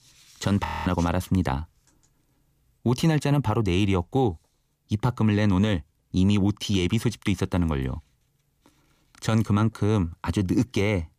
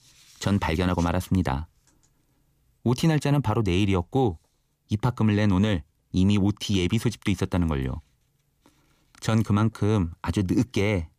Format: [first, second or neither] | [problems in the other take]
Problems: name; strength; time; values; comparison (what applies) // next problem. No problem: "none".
second | audio freezing; at 0.5 s